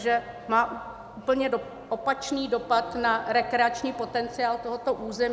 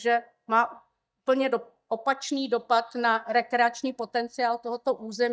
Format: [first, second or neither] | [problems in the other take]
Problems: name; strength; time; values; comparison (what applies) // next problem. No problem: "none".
first | noise reduction (neural mask model DeepFilterNet 3)